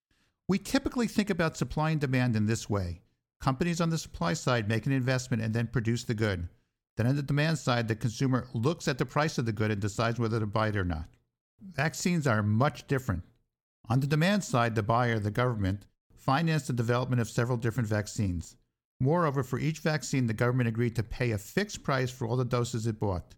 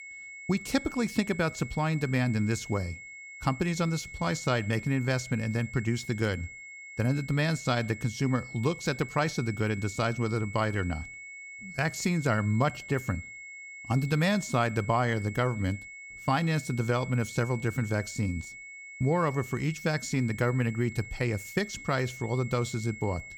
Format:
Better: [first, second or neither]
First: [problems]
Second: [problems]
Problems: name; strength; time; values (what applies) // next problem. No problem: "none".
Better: first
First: none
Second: high-pitched whine; noticeable; throughout; 2 kHz, 15 dB below the speech